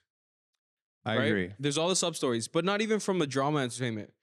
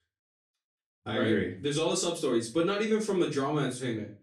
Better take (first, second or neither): first